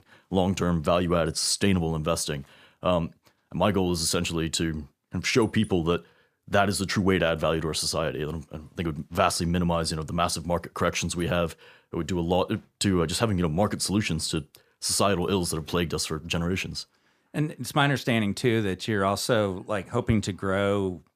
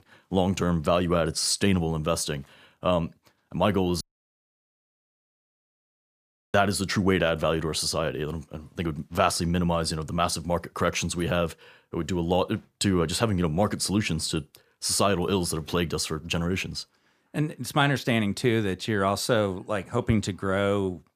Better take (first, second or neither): first